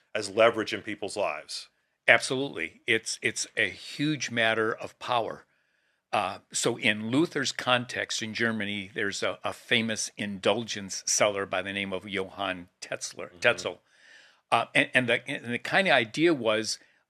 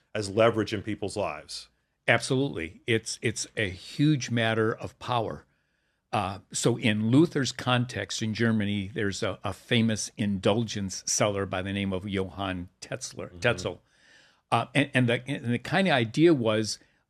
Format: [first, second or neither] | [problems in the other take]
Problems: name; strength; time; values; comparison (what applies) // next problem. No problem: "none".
second | thin; somewhat; fading below 450 Hz